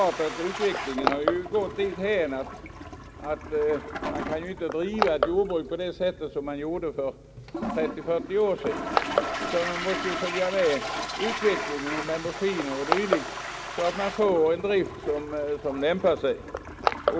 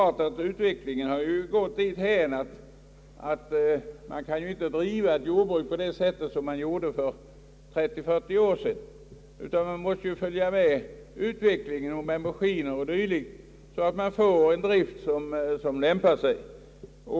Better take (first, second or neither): second